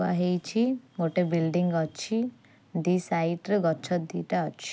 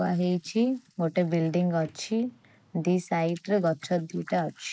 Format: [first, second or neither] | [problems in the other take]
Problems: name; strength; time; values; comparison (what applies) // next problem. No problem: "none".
first | noise reduction (neural mask model Resemble Enhance denoiser)